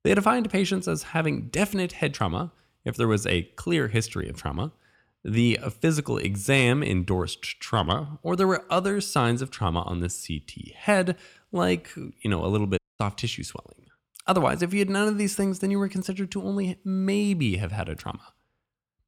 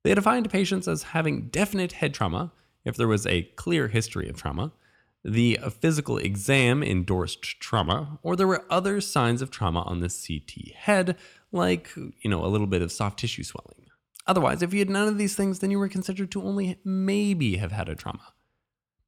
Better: second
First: audio cutting out; at 13 s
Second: none

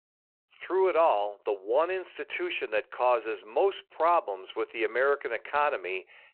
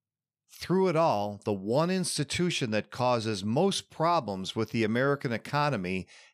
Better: second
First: phone-call audio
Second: none

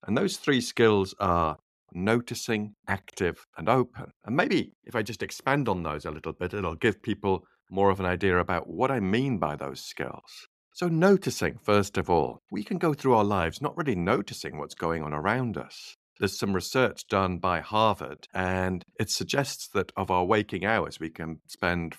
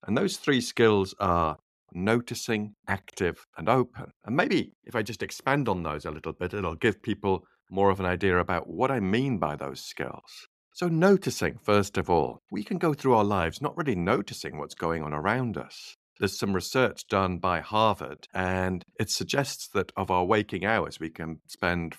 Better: neither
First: none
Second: none

